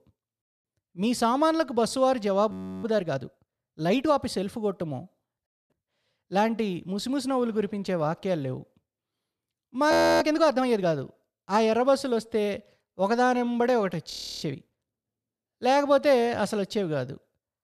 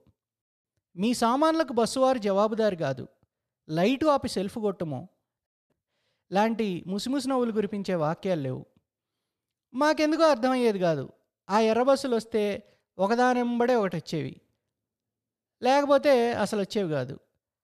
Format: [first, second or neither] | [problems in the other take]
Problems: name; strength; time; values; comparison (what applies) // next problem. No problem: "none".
second | audio freezing; at 2.5 s, at 10 s and at 14 s